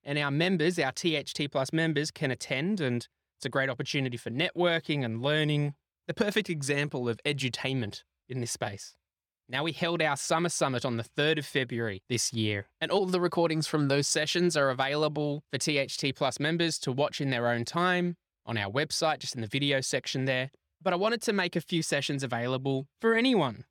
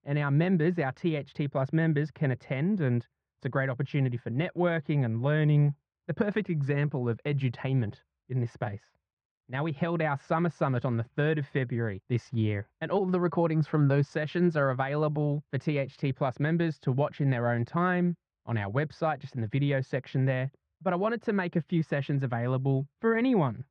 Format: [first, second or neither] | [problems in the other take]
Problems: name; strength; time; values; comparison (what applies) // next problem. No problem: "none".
first | muffled; very; fading above 1.5 kHz